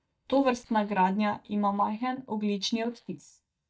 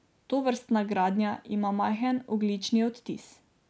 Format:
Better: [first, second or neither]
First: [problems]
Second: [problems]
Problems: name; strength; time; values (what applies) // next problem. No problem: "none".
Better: second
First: noise reduction (neural mask model DeepFilterNet 3)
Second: none